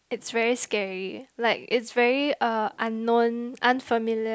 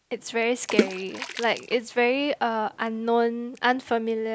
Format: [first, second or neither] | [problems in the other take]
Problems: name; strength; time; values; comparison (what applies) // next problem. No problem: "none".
first | background sound (Water / Splash, splatter); 6 dB below the speech